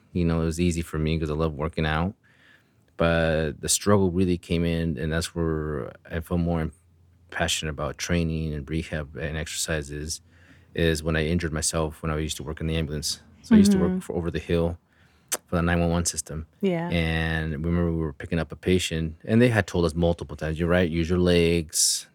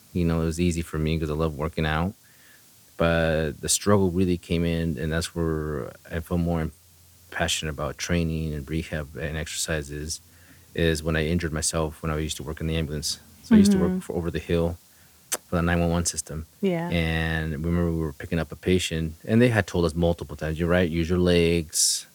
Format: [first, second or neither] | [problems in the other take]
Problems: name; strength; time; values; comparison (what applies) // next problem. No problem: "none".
first | hiss; faint; throughout; 25 dB below the speech